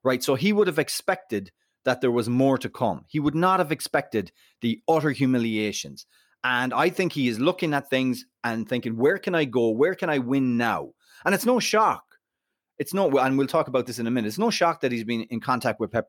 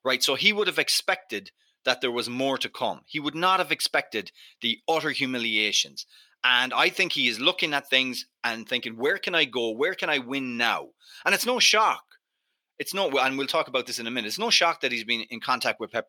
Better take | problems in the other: first | thin; somewhat; fading below 650 Hz

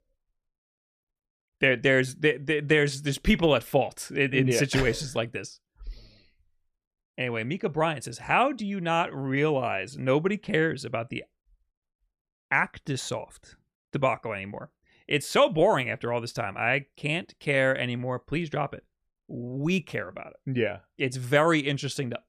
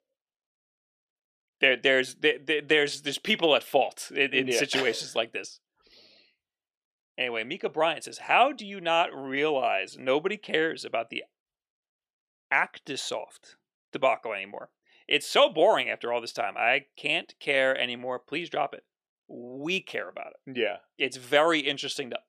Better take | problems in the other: first | thin; somewhat; fading below 350 Hz

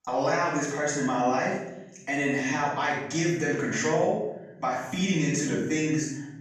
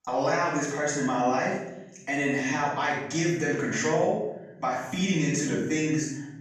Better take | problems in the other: neither | off-mic speech; far; the same in both // room echo; strong; dies away in 0.9 s; the same in both

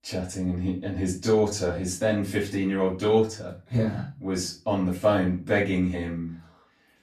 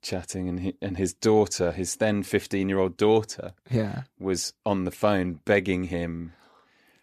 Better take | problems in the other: second | room echo; slight; dies away in 0.3 s // off-mic speech; far

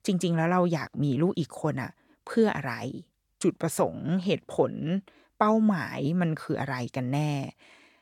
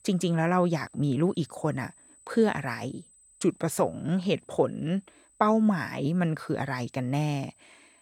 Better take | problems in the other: first | high-pitched whine; faint; throughout; 8 kHz, 30 dB below the speech

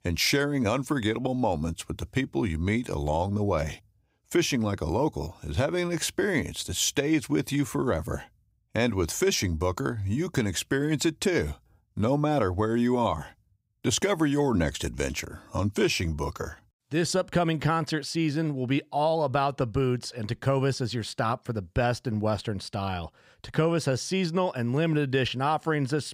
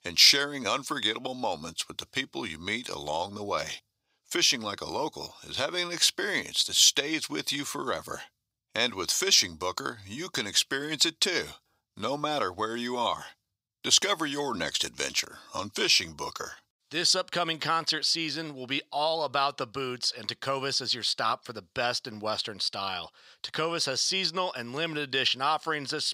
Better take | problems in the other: first | thin; somewhat; fading below 900 Hz

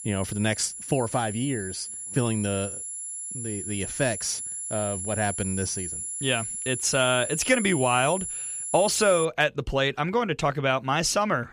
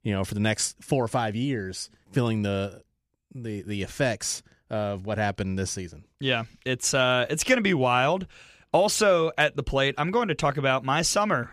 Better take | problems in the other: second | high-pitched whine; loud; until 9.5 s; 10.5 kHz, 5 dB below the speech

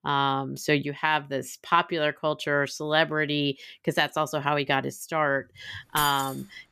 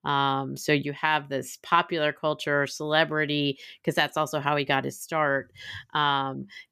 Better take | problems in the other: second | jangling keys; noticeable; at 6 s; peak 5 dB below the speech

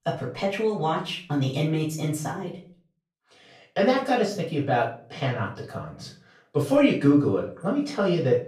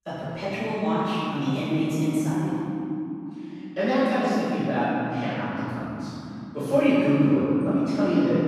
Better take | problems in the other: first | room echo; strong; dies away in 3 s; slight in the first // off-mic speech; far; far in the first

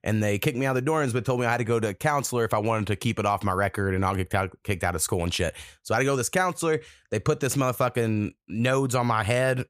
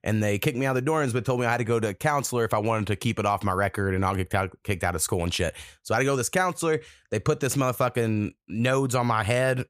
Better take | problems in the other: neither | none

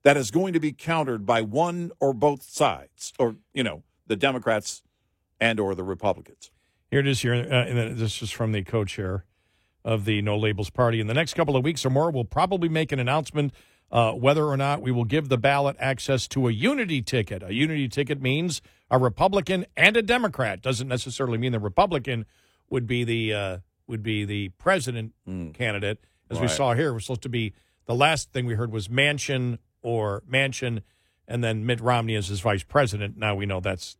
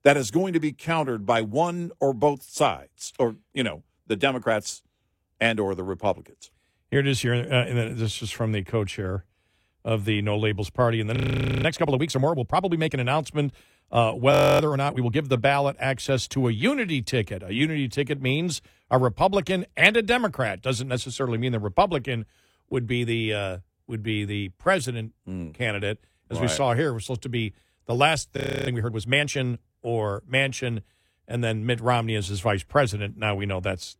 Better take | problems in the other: first | audio freezing; at 11 s, at 14 s and at 28 s

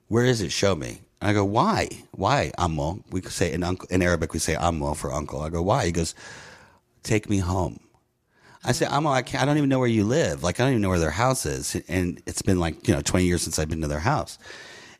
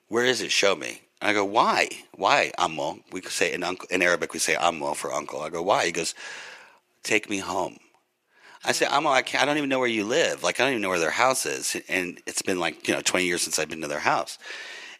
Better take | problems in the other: first | thin; somewhat; fading below 400 Hz

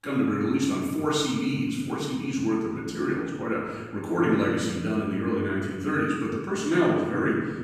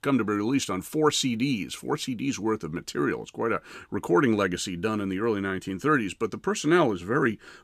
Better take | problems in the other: second | off-mic speech; far // room echo; noticeable; dies away in 1.3 s

